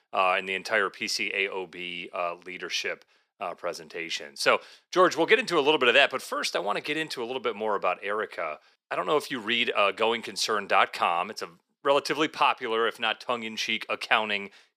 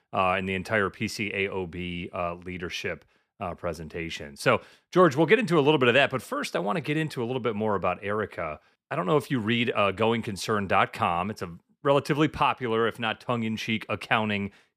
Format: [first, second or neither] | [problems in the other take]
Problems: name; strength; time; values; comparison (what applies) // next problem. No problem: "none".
second | thin; somewhat; fading below 400 Hz